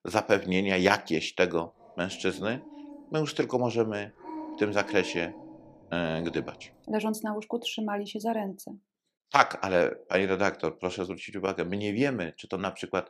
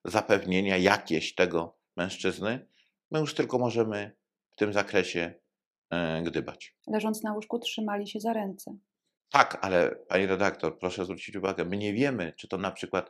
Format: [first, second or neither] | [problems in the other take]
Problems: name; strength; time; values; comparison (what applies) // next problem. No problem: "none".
second | dog barking; noticeable; from 2 to 6.5 s; peak 10 dB below the speech